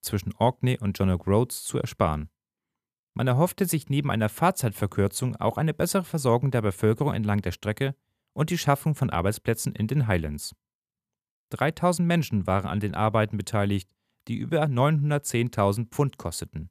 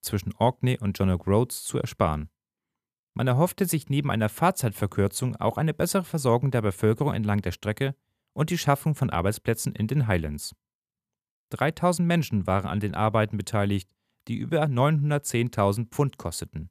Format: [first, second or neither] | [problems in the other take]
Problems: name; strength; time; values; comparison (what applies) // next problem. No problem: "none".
neither | none